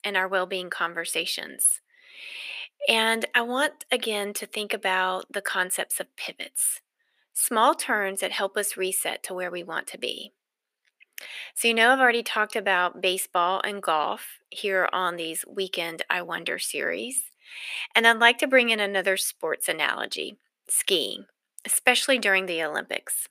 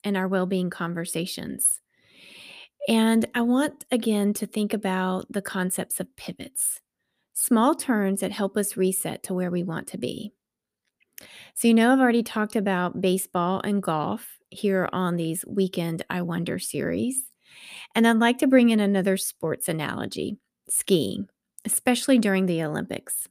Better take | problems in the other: second | thin; very; fading below 550 Hz

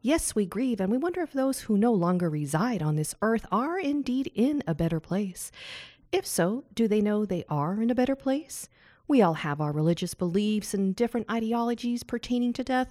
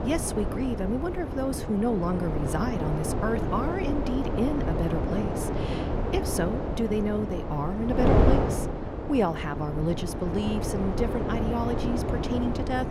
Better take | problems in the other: first | wind noise on the microphone; heavy; 1 dB below the speech

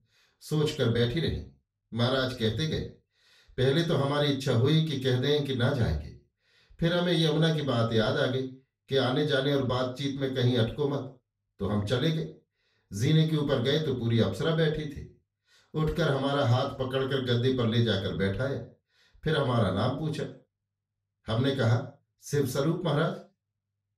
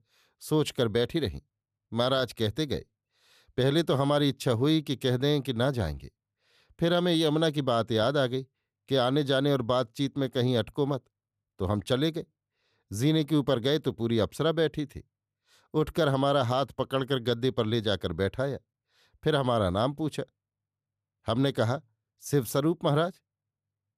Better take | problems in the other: second | room echo; slight; dies away in 0.3 s // off-mic speech; far

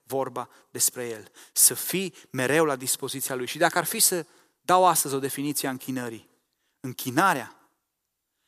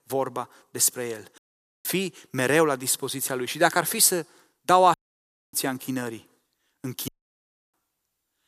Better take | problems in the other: first | audio cutting out; at 1.5 s, at 5 s for 0.5 s and at 7 s for 0.5 s

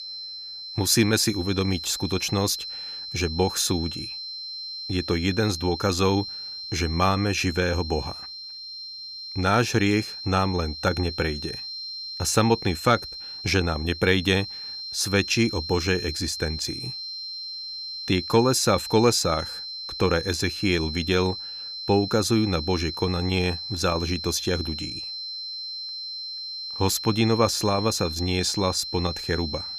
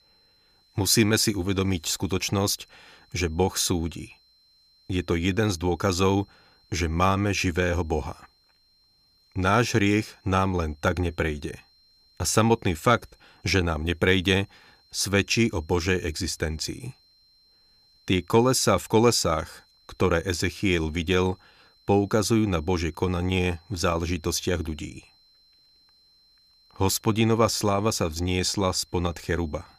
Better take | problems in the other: second | high-pitched whine; loud; throughout; 4 kHz, 8 dB below the speech; faint in the second

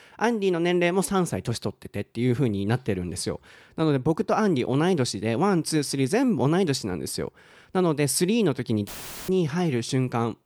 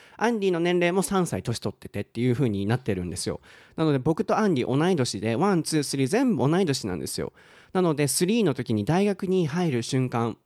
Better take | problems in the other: second | audio cutting out; filled with static; at 9 s

